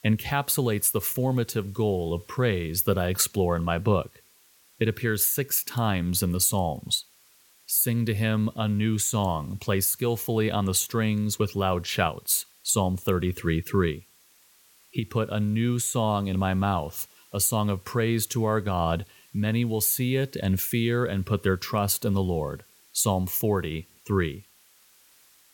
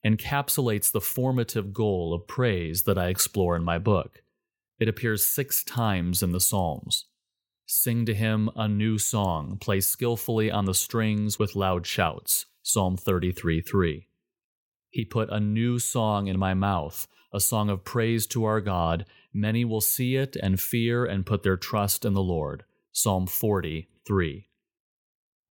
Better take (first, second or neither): second